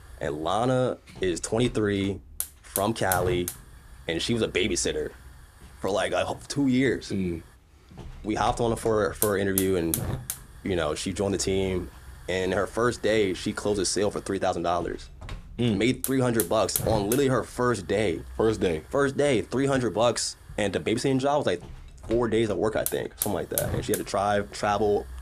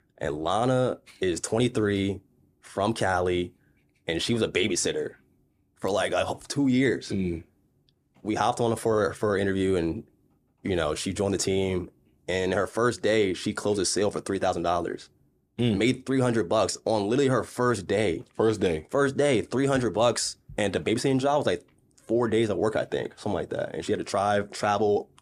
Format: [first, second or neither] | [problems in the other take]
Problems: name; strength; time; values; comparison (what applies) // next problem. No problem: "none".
second | hiss; loud; throughout; 9 dB below the speech